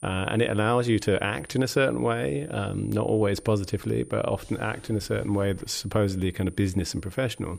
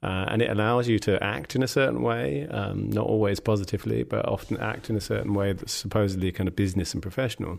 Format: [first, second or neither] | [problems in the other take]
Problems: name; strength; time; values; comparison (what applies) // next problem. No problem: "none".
second | high-pitched whine; faint; throughout; 9.5 kHz, 25 dB below the speech